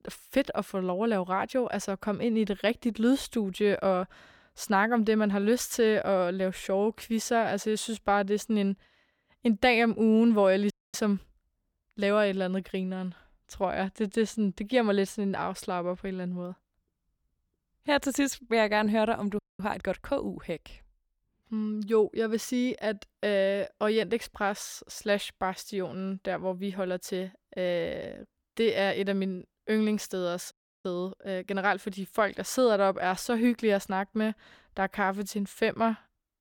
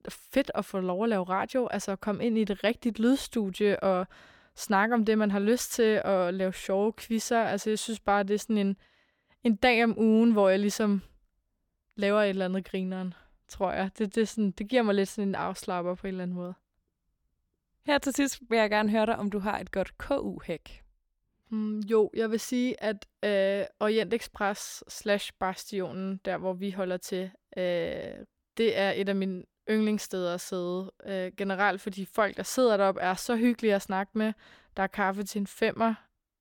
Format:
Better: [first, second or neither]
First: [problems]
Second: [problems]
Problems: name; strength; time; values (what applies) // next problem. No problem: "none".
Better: second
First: audio freezing; at 11 s, at 19 s and at 31 s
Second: none